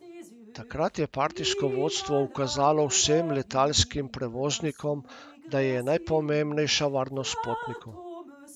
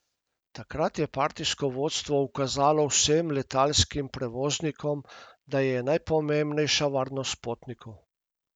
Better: second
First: background sound (Drip); 11 dB below the speech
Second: none

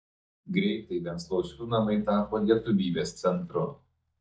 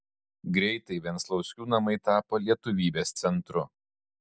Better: second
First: noise reduction (neural mask model DeepFilterNet 3)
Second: none

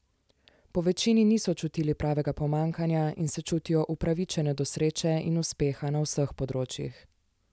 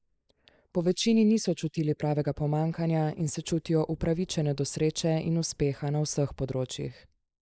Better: first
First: none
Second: noise reduction (neural mask model Resemble Enhance denoiser)

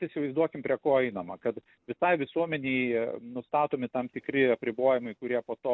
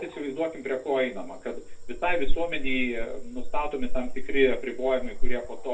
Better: first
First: none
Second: background sound (Cricket / Frog); 4 dB above the speech // room echo; dies away in 0.2 s

